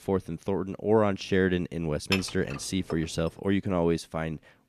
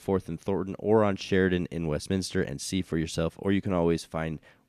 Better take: second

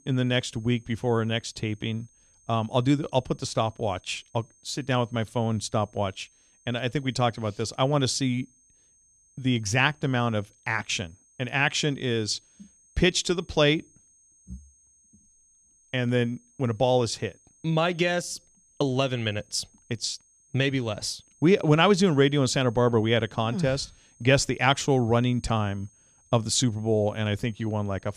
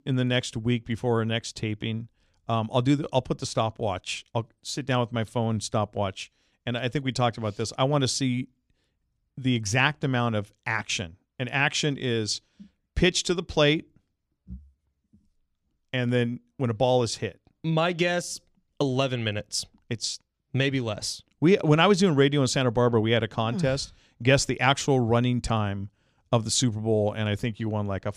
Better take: second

